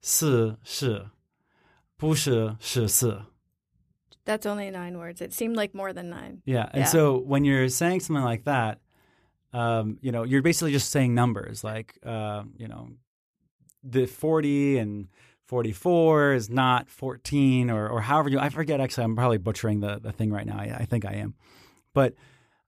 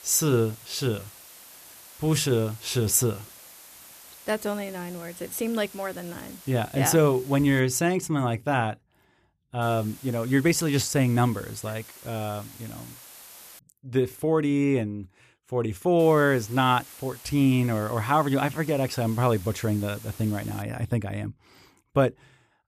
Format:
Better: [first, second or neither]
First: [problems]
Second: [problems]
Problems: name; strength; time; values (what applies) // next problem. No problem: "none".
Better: first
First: none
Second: hiss; noticeable; until 7.5 s, from 9.5 to 14 s and from 16 to 21 s; 20 dB below the speech